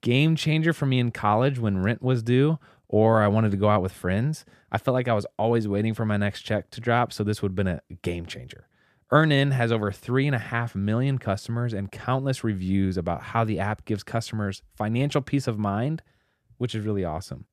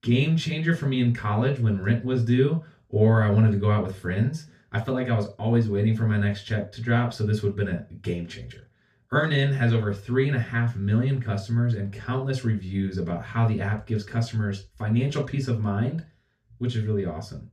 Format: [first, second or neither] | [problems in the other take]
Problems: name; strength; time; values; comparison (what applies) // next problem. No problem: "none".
first | room echo; slight; dies away in 0.2 s // off-mic speech; far